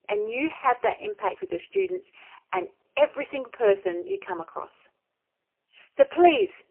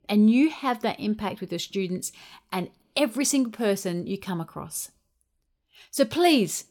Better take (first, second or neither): second